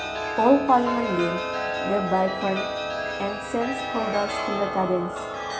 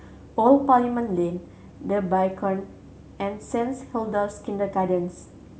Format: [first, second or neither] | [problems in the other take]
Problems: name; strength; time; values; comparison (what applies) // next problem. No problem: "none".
second | background sound (Chime); 3 dB below the speech